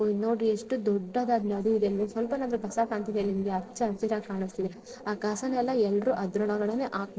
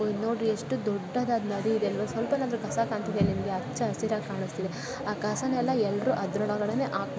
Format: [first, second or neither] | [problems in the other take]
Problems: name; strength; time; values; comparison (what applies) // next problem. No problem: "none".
second | noise reduction (neural separator model SepFormer DNS4)